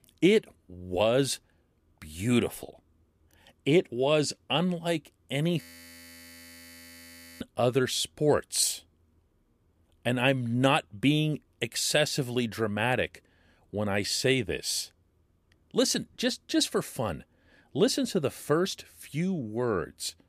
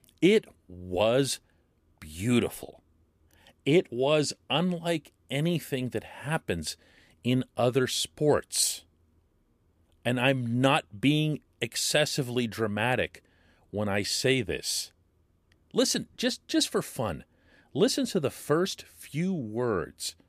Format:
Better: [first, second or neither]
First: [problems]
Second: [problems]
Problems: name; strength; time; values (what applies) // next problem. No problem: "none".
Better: second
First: audio freezing; at 5.5 s for 2 s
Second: none